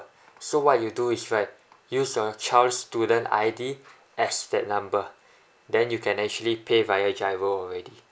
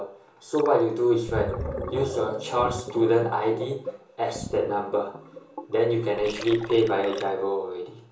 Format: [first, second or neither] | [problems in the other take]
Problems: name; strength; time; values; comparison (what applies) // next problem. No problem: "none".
first | background sound (Gurgling); 11 dB below the speech // room echo; dies away in 1.2 s